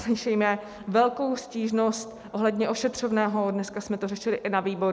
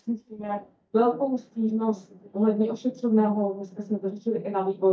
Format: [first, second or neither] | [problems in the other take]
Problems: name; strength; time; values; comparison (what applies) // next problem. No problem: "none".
first | noise reduction (neural mask model DeepFilterNet 3)